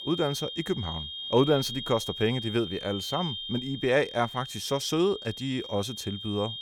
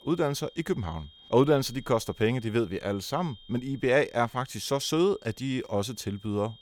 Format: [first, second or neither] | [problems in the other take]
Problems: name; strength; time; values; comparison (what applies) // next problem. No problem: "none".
second | high-pitched whine; loud; throughout; 3 kHz, 7 dB below the speech; faint in the second